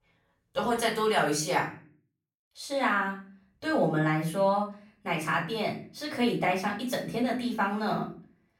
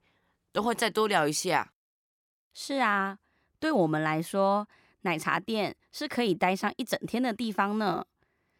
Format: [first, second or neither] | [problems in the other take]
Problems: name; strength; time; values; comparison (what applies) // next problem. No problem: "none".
second | off-mic speech; far // room echo; slight; dies away in 0.4 s